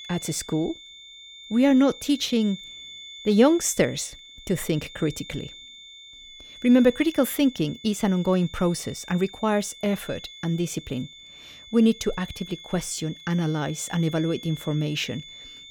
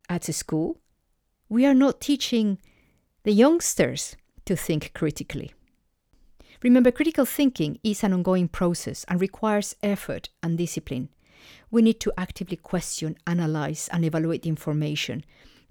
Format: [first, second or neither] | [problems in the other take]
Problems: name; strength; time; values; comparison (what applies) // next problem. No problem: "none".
second | high-pitched whine; noticeable; throughout; 3.5 kHz, 15 dB below the speech